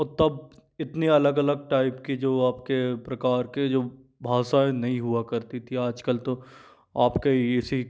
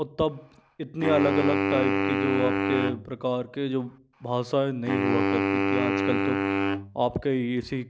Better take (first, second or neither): first